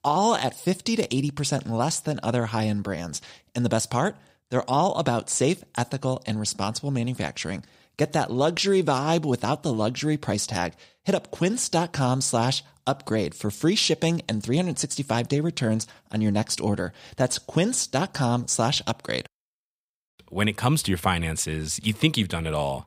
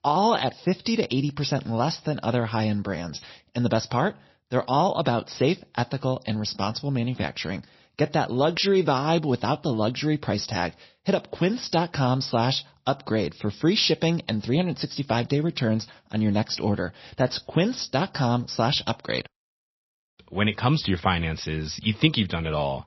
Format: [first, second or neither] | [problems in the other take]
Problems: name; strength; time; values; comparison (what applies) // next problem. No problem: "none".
first | garbled, watery; slightly; nothing above 5.5 kHz